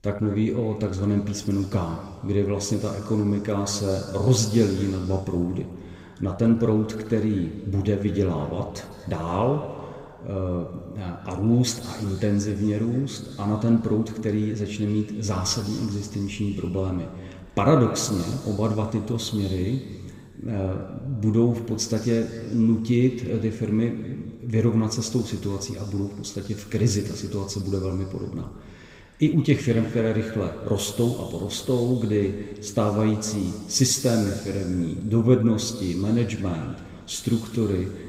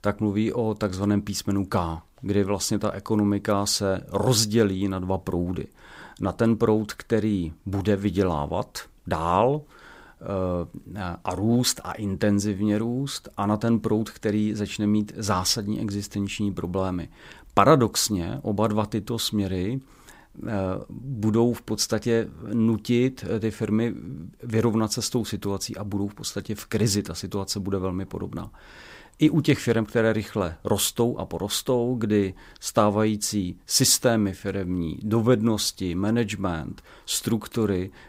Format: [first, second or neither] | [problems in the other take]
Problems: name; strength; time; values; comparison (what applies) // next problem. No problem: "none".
second | room echo; noticeable; dies away in 2.1 s // off-mic speech; somewhat distant